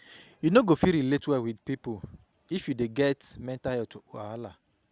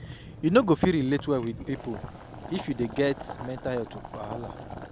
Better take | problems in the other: first | background sound (Boiling); 13 dB below the speech

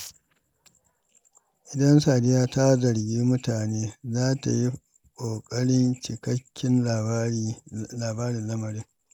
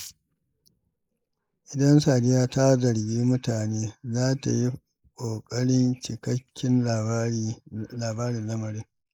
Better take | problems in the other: first | noise reduction (neural mask model Resemble Enhance denoiser)

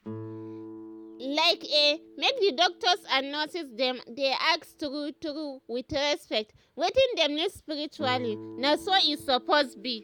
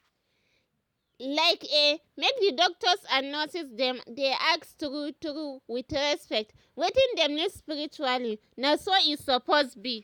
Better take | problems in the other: second | background sound (Guitar); 18 dB below the speech

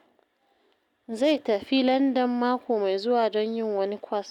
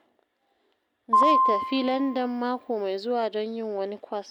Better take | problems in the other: first | background sound (Piano); 4 dB above the speech

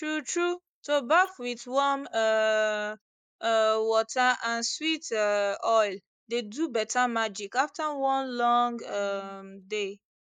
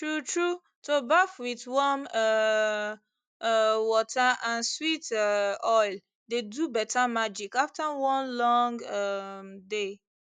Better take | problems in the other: second | noise reduction (neural mask model Resemble Enhance denoiser)

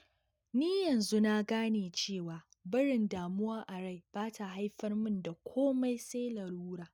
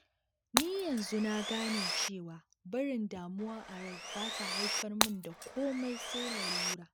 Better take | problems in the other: first | background sound (Sawing + Shatter); 1 dB above the speech

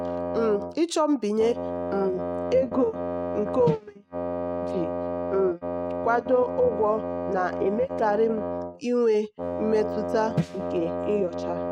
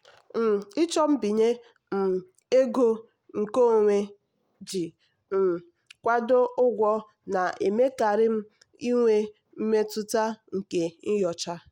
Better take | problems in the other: second | noise reduction (neural mask model RNNoise)

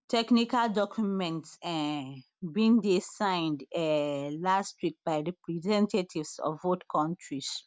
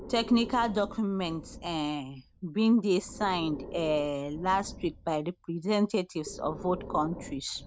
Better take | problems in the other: first | background sound (Breathing); 15 dB below the speech

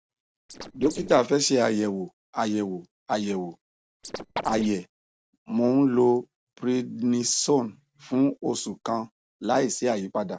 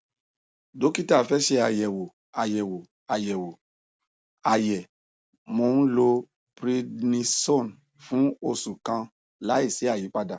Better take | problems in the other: second | noise reduction (neural separator model SepFormer DNS4)

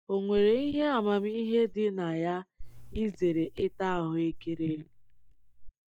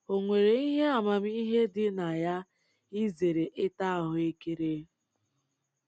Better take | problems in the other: second | noise reduction (neural mask model DeepFilterNet 3)

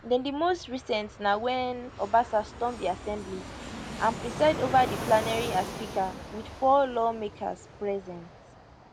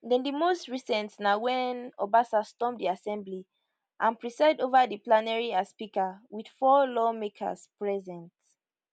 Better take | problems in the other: second | background sound (Fixed-wing aircraft, airplane); 11 dB below the speech

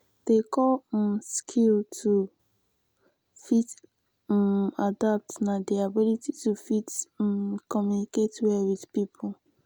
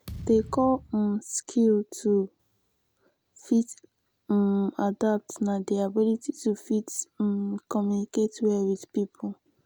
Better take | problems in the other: first | background sound (Thump, thud); 15 dB below the speech

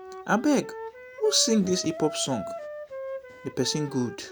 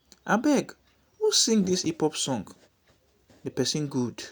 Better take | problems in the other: second | background sound (Wind instrument, woodwind instrument); 11 dB below the speech

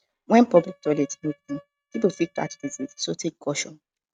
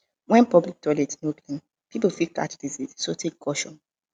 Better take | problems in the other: second | noise reduction (neural mask model RNNoise)

